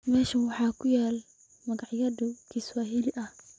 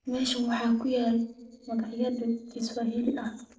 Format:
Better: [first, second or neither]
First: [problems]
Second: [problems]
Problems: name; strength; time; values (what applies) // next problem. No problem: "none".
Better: first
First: none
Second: noise reduction (neural separator model SepFormer DNS4)